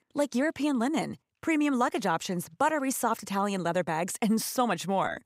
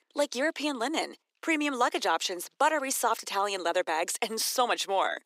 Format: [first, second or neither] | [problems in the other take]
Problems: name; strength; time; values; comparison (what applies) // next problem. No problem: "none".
first | thin; somewhat; fading below 300 Hz